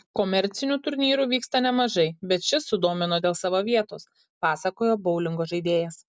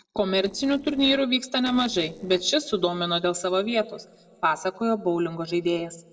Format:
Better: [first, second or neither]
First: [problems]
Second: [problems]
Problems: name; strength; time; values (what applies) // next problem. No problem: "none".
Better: first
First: none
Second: noise reduction (neural separator model SepFormer DNS4)